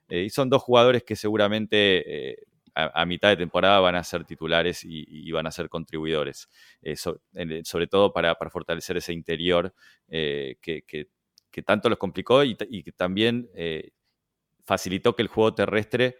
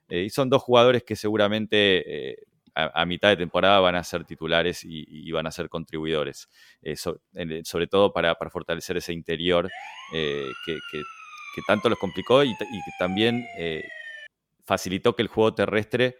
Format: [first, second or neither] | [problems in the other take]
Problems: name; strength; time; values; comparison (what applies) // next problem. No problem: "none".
first | siren; faint; from 9.5 to 14 s; peak 10 dB below the speech